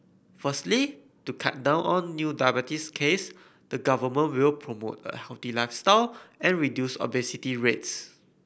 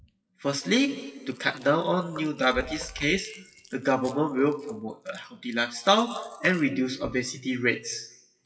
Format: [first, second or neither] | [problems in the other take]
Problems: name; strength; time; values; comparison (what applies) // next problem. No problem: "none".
first | noise reduction (classical method WPE with log-MMSE)